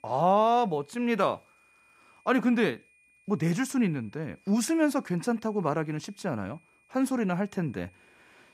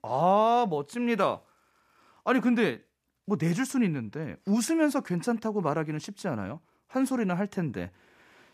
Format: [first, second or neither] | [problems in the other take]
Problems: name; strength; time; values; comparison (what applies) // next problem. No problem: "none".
second | high-pitched whine; faint; throughout; 2.5 kHz, 35 dB below the speech